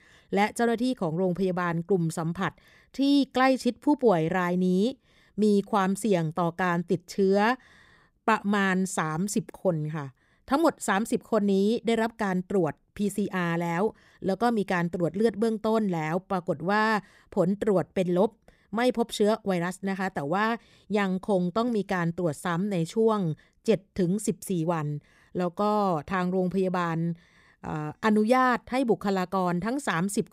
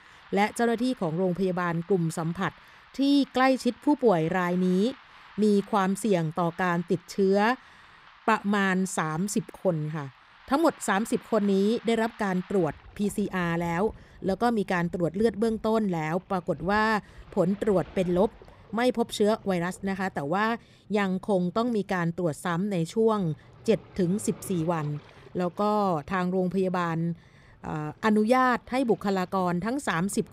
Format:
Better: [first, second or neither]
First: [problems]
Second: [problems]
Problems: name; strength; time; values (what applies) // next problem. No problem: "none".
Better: first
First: none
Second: rain or running water; faint; throughout; 25 dB below the speech